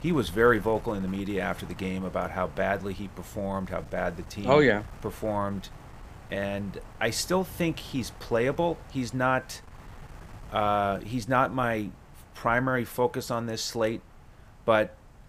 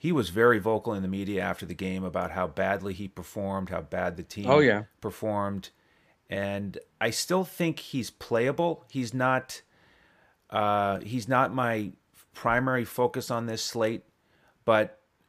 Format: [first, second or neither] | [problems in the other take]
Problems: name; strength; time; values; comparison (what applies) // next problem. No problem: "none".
second | wind noise on the microphone; occasional gusts; 25 dB below the speech